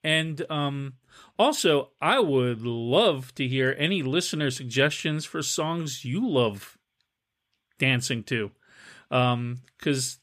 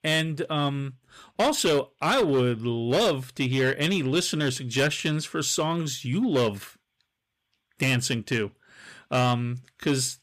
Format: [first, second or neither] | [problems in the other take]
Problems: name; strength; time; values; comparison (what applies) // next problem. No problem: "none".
first | distortion; slight; 7% of the sound clipped